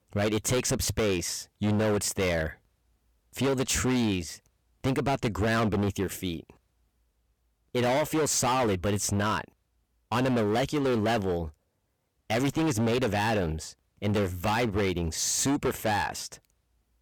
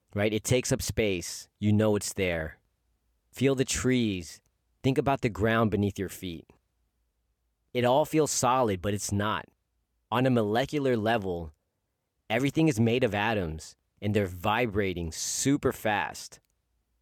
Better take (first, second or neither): second